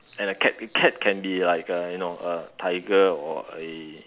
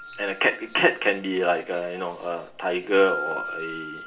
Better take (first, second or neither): first